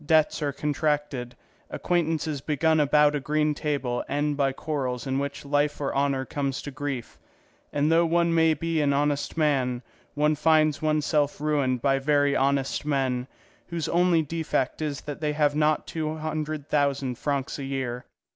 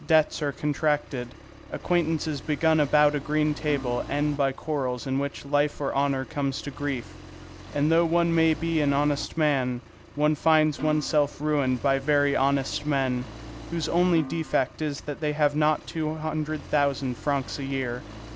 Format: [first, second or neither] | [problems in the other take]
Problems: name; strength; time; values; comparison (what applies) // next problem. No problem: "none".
first | background sound (Snare drum + Accelerating, revving, vroom); 16 dB below the speech